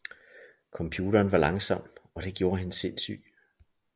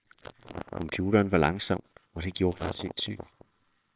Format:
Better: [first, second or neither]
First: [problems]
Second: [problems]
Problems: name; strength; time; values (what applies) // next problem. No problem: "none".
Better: first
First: none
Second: noise reduction (neural separator model SepFormer WHAMR!)